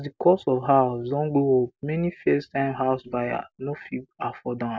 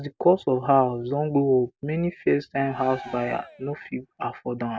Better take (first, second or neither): first